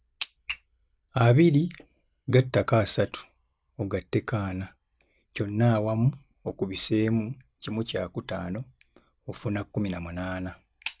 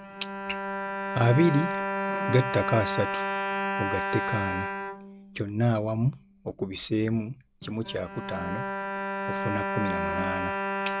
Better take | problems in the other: first | background sound (Bowed string instrument); 2 dB below the speech

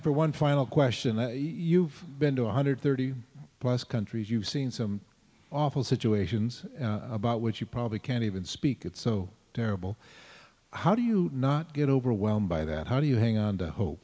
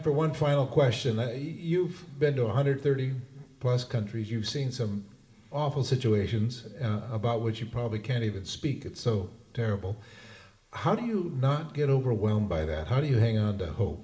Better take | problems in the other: first | room echo; dies away in 1.6 s

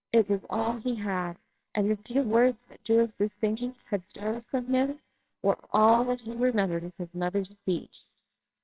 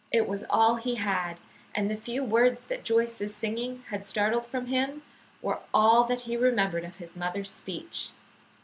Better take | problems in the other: second | noise reduction (neural separator model SepFormer WHAMR!)

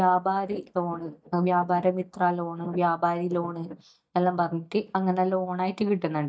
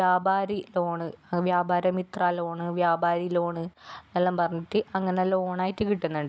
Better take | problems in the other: second | noise reduction (neural mask model DeepFilterNet 3)

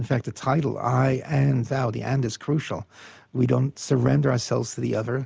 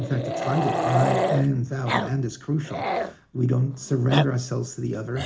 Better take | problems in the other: first | background sound (Growling); 3 dB below the speech // room echo; dies away in 0.4 s

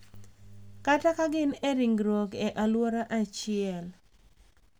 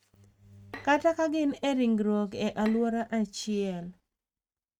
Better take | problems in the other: first | noise reduction (neural mask model RNNoise)

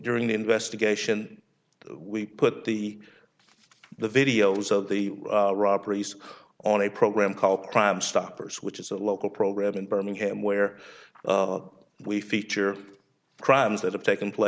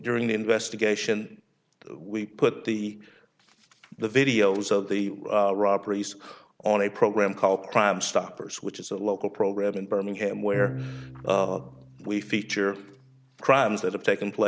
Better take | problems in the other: first | background sound (Bowed string instrument); 13 dB below the speech

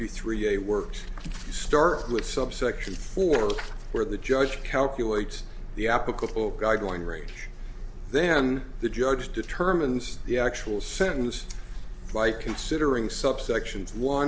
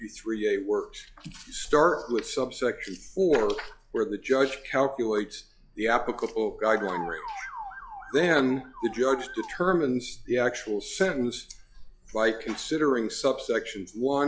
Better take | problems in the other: first | noise reduction (classical method log-MMSE)

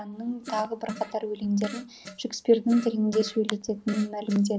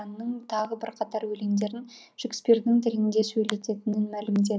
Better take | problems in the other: second | background sound (Fart); 16 dB below the speech

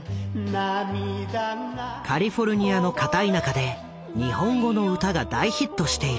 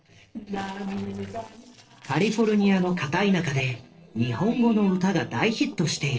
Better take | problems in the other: first | noise reduction (neural separator model SepFormer DNS4)

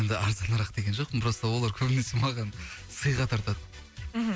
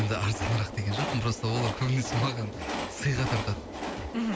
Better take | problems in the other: first | background sound (Train); 6 dB below the speech

